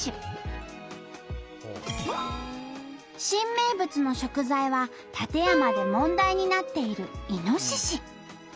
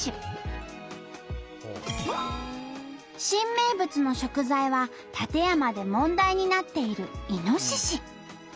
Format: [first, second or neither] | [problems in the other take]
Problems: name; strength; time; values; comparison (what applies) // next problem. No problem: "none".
second | background sound (Wind instrument, woodwind instrument); 2 dB below the speech